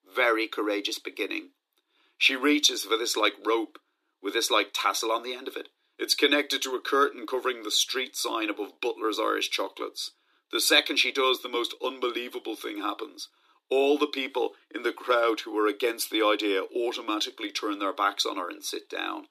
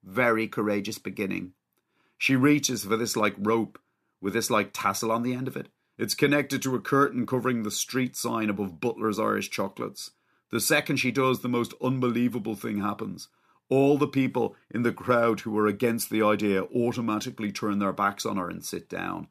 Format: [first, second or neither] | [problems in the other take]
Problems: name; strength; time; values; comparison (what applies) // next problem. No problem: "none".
second | thin; somewhat; fading below 300 Hz